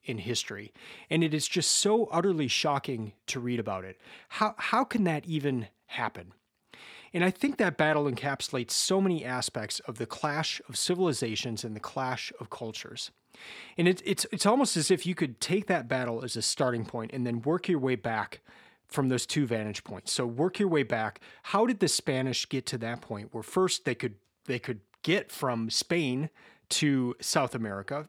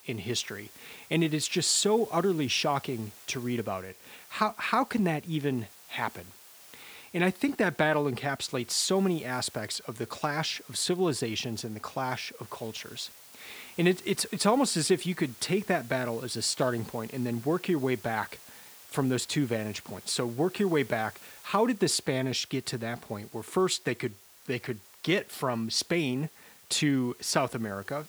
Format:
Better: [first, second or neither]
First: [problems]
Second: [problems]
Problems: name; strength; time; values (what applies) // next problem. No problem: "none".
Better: first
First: none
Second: hiss; faint; throughout; 20 dB below the speech